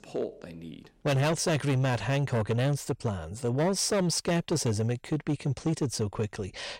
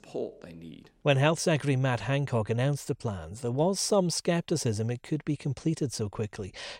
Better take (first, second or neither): second